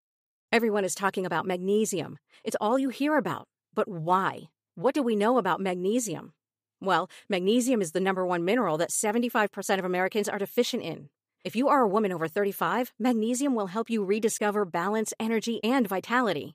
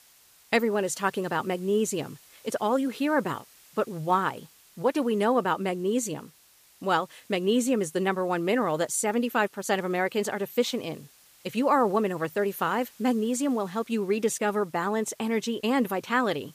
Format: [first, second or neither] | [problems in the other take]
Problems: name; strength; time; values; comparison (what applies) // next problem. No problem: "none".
first | hiss; faint; throughout; 25 dB below the speech